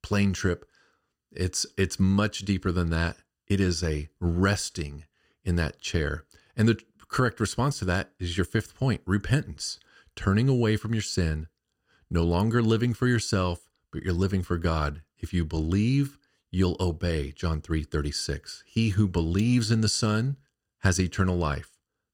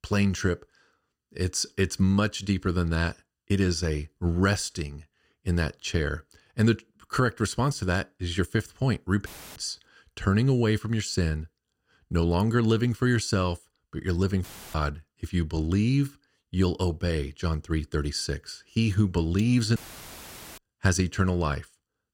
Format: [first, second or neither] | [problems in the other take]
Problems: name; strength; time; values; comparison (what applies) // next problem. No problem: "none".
first | audio cutting out; filled with static; at 9.5 s, at 14 s and at 20 s for 1 s